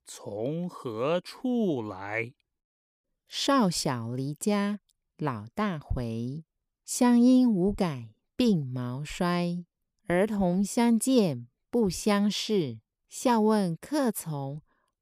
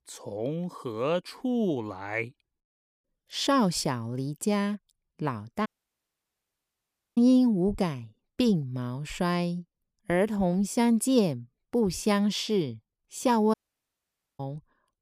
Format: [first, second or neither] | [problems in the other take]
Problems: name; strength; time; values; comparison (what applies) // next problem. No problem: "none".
first | audio cutting out; at 5.5 s for 1.5 s and at 14 s for 1 s